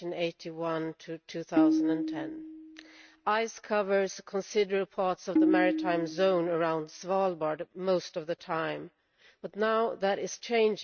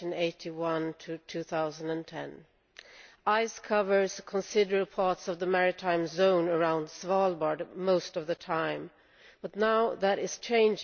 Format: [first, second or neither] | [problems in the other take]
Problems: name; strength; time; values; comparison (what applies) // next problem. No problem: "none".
second | noise reduction (neural mask model RNNoise)